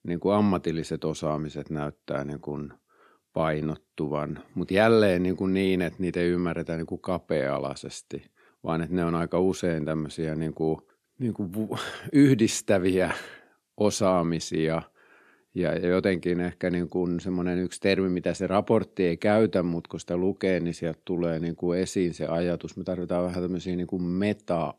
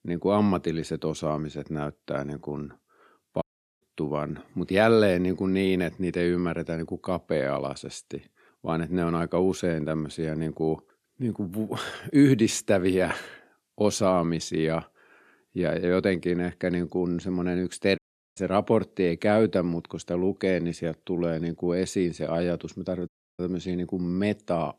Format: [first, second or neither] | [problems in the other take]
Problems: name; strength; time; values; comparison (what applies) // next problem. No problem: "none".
first | audio cutting out; at 3.5 s, at 18 s and at 23 s